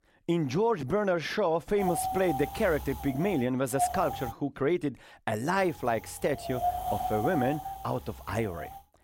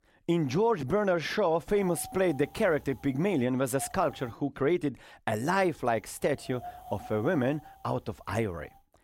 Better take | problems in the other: second | wind noise on the microphone; heavy; from 2 to 4.5 s and from 5.5 s on; 3 dB below the speech; occasional gusts in the second

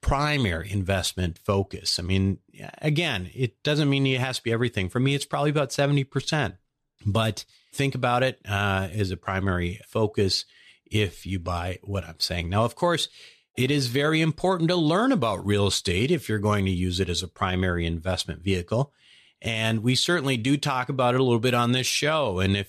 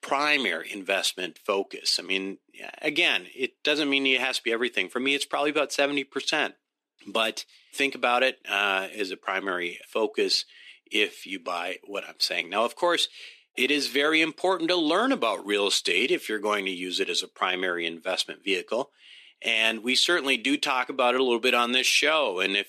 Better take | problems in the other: first | thin; somewhat; fading below 250 Hz

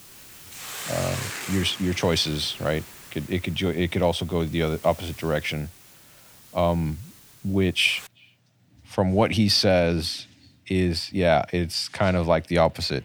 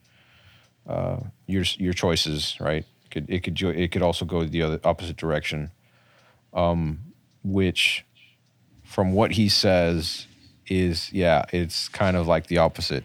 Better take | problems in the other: second | hiss; noticeable; until 8 s; 15 dB below the speech

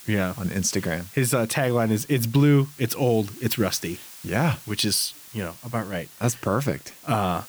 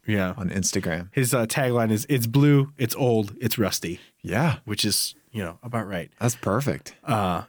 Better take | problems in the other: second | hiss; noticeable; throughout; 20 dB below the speech

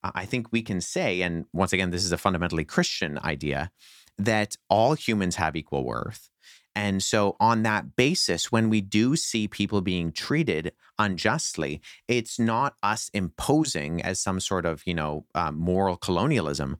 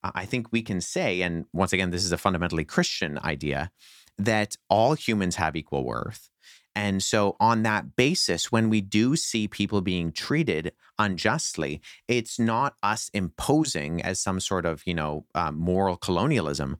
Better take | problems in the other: neither | none

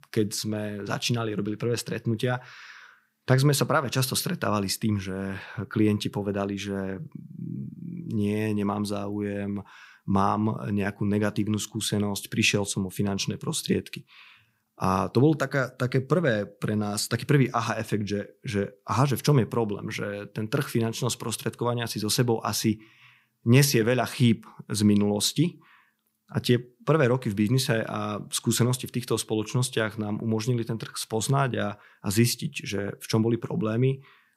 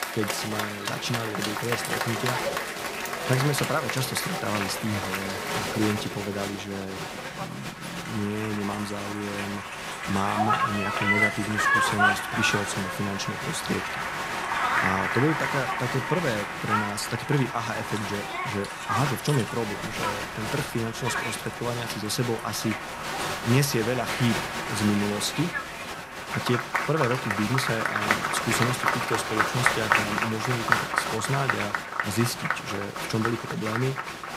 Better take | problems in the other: first | crowd noise; very loud; throughout; 1 dB above the speech

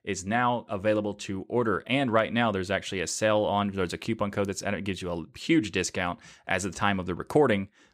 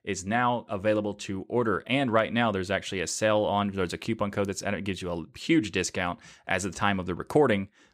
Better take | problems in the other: neither | none

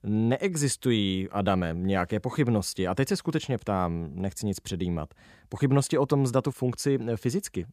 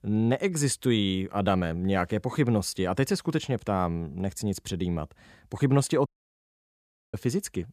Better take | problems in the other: first | audio cutting out; at 6 s for 1 s

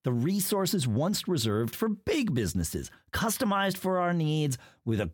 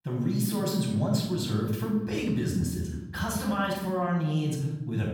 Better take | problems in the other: first | off-mic speech; far // room echo; noticeable; dies away in 1.4 s

